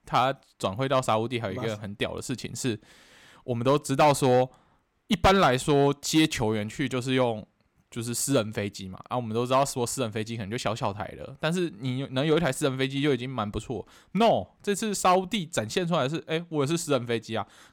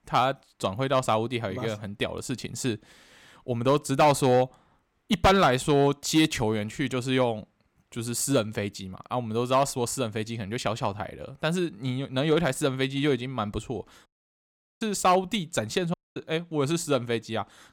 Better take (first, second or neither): first